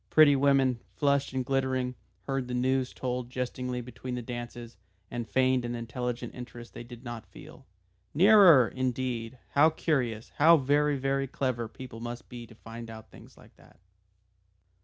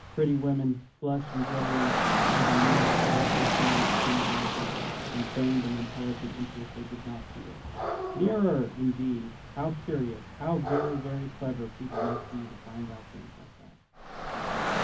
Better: first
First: none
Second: background sound (Rain / Dog); as loud as the speech // room echo; dies away in 0.3 s

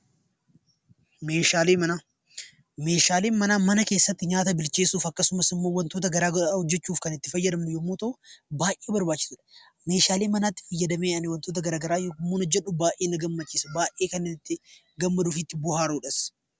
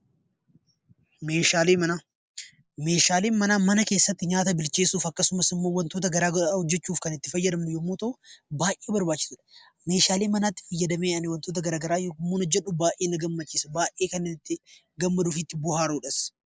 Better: first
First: none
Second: noise reduction (neural mask model Resemble Enhance denoiser)

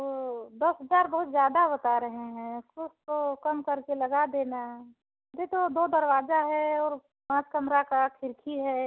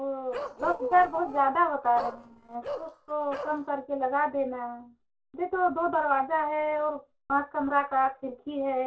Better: first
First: none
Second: noise reduction (neural separator model SepFormer DNS4)

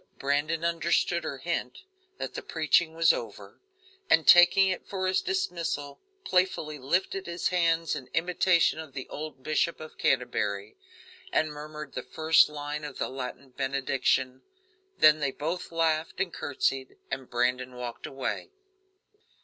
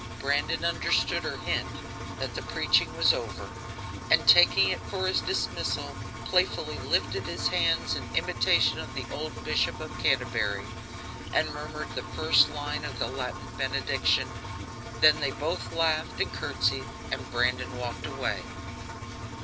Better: first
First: none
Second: background sound (Engine); 7 dB below the speech

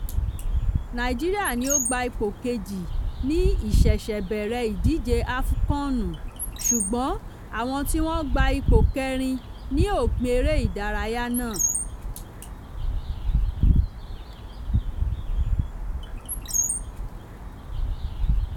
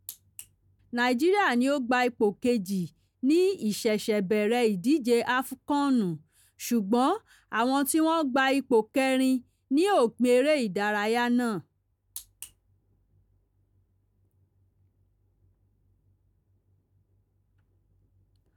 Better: second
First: background sound (Bird); 4 dB above the speech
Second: none

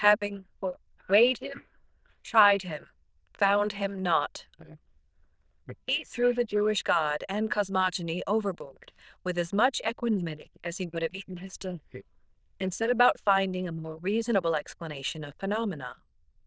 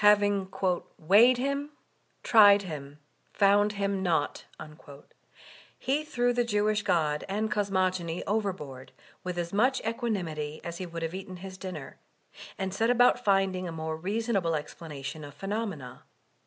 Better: second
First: noise reduction (neural diffusion model UNIVERSE++)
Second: none

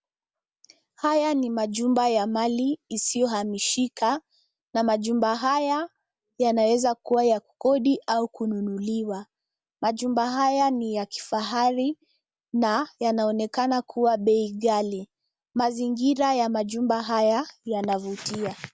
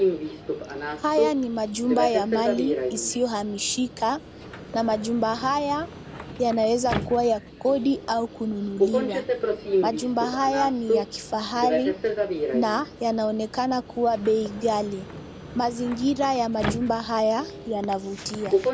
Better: first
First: none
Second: background sound (Subway, metro, underground); 4 dB below the speech

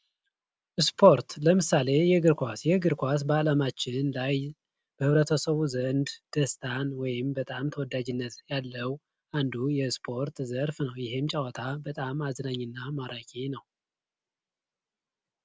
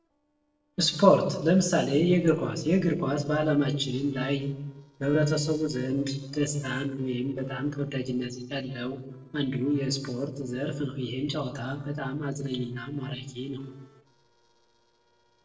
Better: first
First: none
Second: noise reduction (neural separator model SepFormer DNS4)

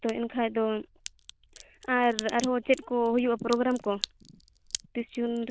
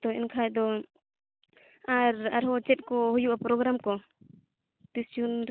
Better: second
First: noise reduction (neural diffusion model UNIVERSE++)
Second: none

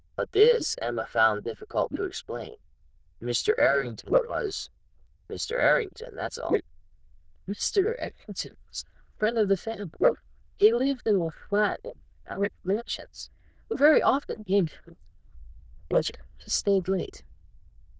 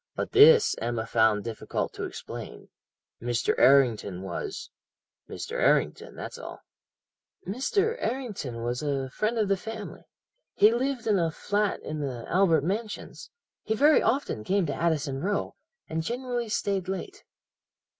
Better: second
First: noise reduction (neural diffusion model UNIVERSE++)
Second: none

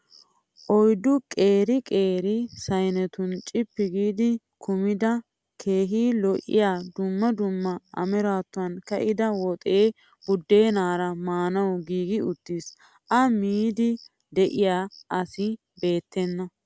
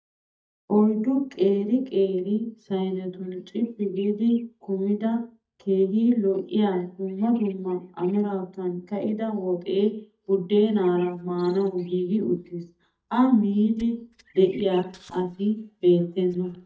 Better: first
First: none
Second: noise reduction (neural mask model DeepFilterNet 3)

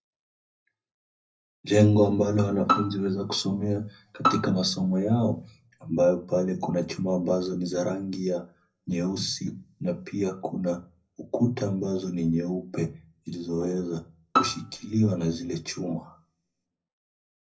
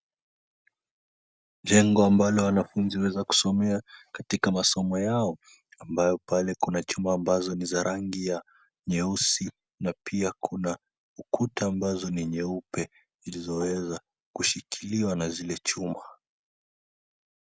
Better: second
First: background sound (Bowed string instrument); 3 dB below the speech // room echo; dies away in 0.4 s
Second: none

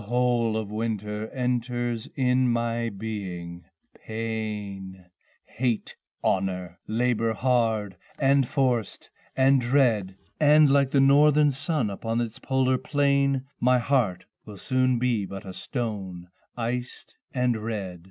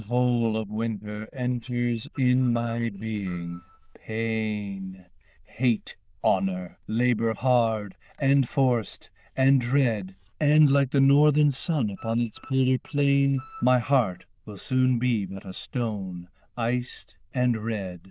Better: first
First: none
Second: noise reduction (neural diffusion model UNIVERSE++)

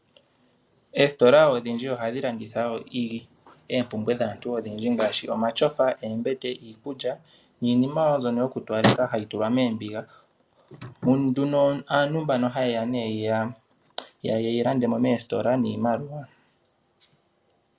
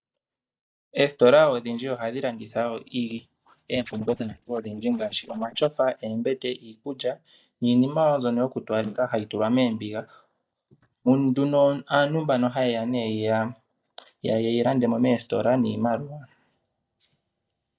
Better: first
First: none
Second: noise reduction (neural mask model DeepFilterNet 3)

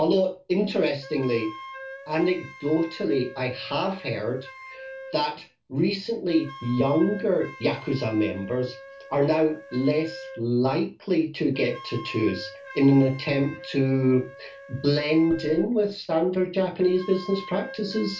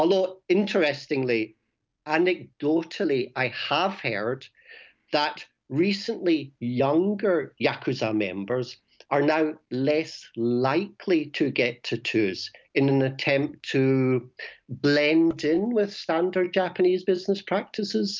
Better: second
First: background sound (Wind instrument, woodwind instrument); 17 dB below the speech // room echo; dies away in 0.2 s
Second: none

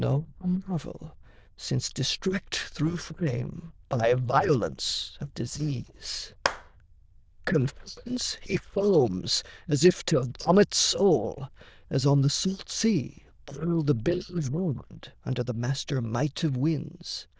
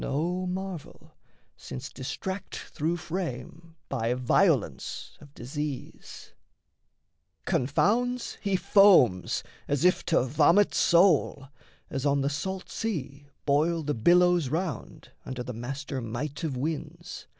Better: second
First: noise reduction (neural diffusion model UNIVERSE++)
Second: none

